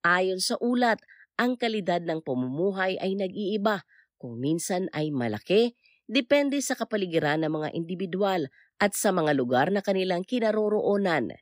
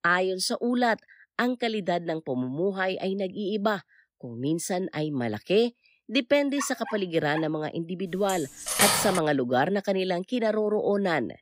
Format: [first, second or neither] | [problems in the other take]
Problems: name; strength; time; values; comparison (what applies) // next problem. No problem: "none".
first | dog barking; faint; at 6.5 s; peak 10 dB below the speech // clattering dishes; loud; at 8.5 s; peak 6 dB above the speech